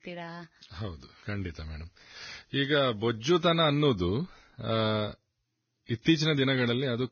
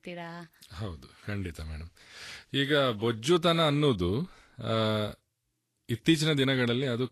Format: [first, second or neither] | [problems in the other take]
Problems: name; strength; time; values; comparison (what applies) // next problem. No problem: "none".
second | garbled, watery; badly; nothing above 6.5 kHz; slightly in the second